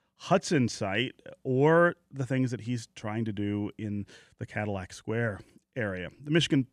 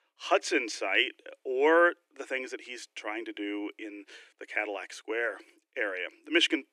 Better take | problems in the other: first | thin; very; fading below 300 Hz

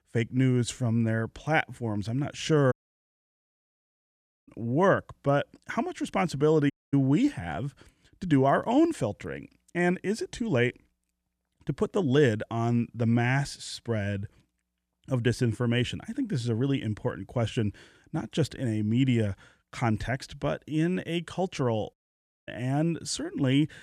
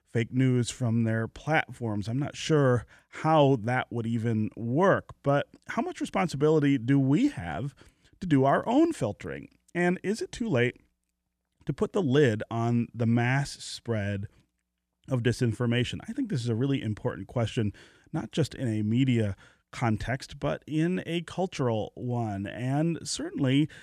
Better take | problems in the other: second | audio cutting out; at 2.5 s for 1.5 s, at 6.5 s and at 22 s for 0.5 s

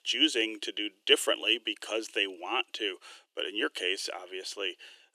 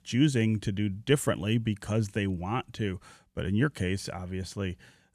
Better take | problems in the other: second | thin; very; fading below 350 Hz

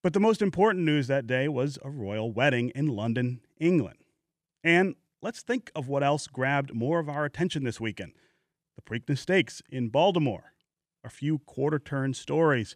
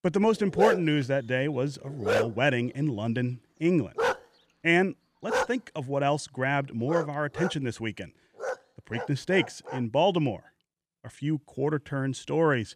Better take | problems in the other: first | dog barking; loud; until 10 s; peak 1 dB above the speech

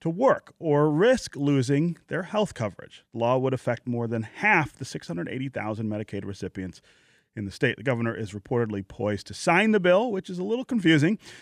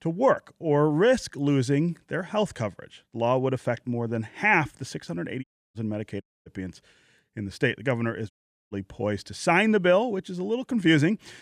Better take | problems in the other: first | audio cutting out; at 5.5 s, at 6 s and at 8.5 s

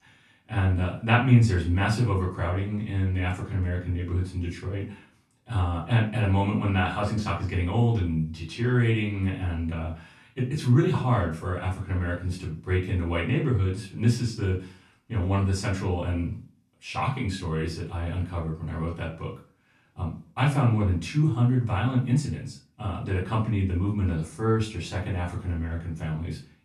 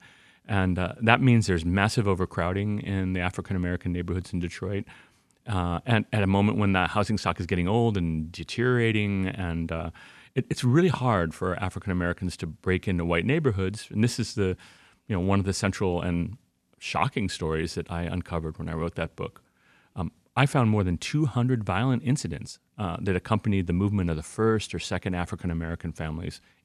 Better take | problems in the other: second | off-mic speech; far // room echo; slight; dies away in 0.3 s

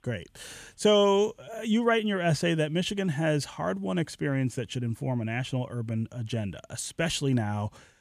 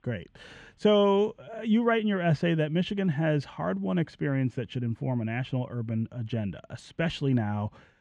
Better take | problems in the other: first | muffled; slightly; fading above 3 kHz

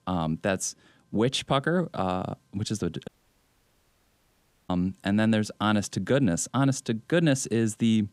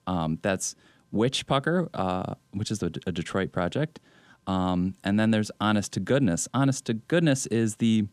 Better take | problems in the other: second | audio cutting out; at 3 s for 1.5 s

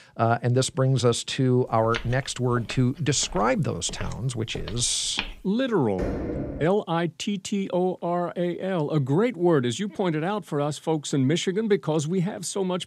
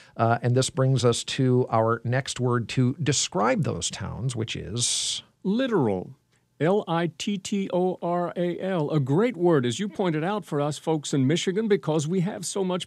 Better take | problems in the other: second | footsteps; noticeable; from 2 to 5.5 s; peak 7 dB below the speech // door banging; noticeable; at 6 s; peak 4 dB below the speech

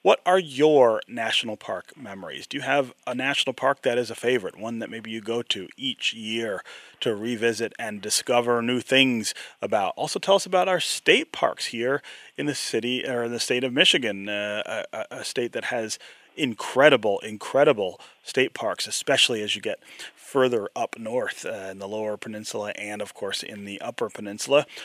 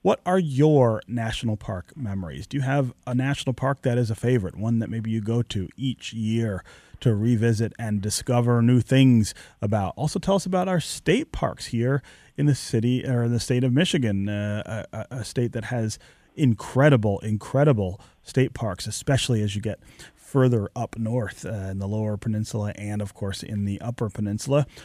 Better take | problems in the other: second | thin; somewhat; fading below 450 Hz

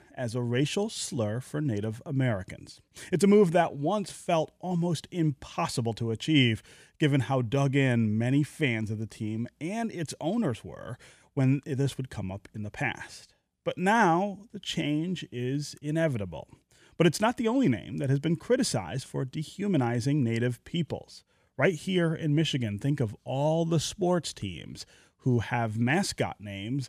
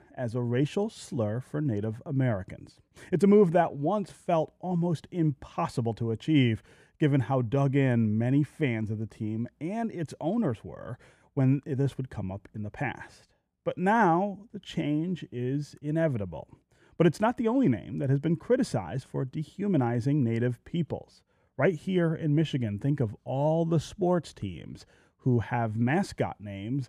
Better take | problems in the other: first | muffled; slightly; fading above 2 kHz

